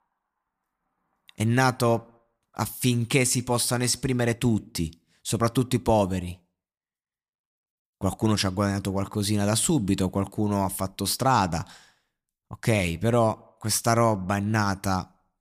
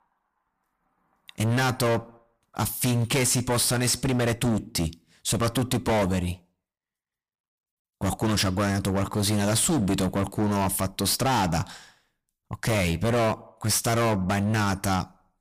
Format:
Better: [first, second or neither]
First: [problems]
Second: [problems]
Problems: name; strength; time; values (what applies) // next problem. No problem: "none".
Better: first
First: none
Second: distortion; heavy; 18% of the sound clipped